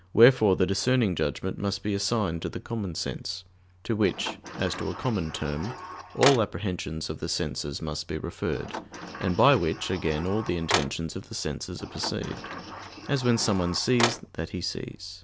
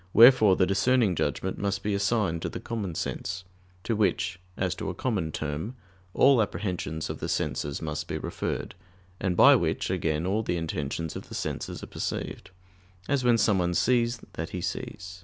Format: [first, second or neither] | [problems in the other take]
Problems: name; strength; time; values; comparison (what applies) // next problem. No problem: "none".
second | background sound (Sliding door); 7 dB below the speech